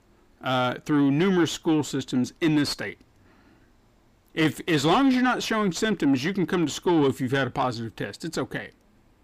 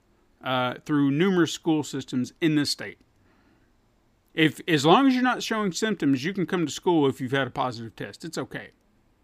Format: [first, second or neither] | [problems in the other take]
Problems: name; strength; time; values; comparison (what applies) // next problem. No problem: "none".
second | distortion; slight; 10 dB below the speech